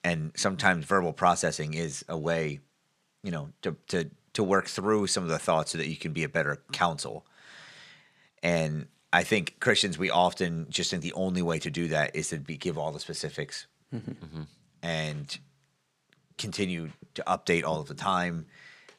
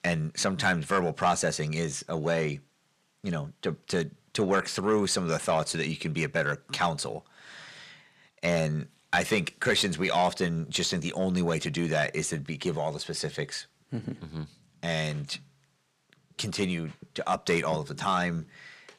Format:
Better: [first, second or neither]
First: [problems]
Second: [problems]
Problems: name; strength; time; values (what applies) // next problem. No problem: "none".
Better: first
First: none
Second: distortion; slight; 10 dB below the speech